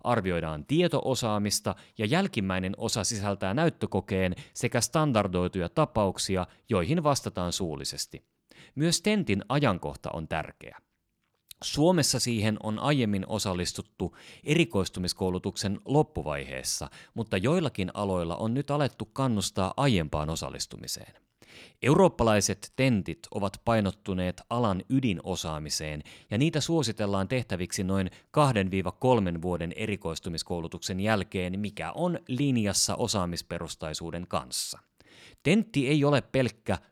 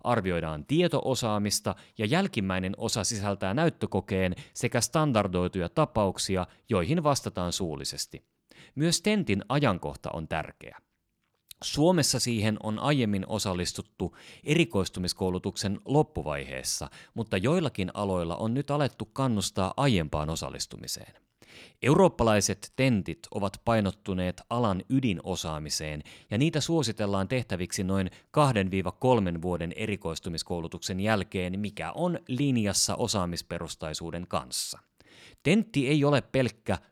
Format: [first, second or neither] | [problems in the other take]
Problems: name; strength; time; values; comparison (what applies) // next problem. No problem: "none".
neither | none